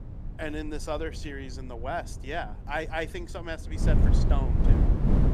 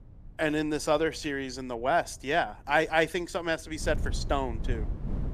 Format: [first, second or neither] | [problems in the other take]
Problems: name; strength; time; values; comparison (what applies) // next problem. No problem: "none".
second | wind noise on the microphone; heavy; 2 dB below the speech; occasional gusts in the second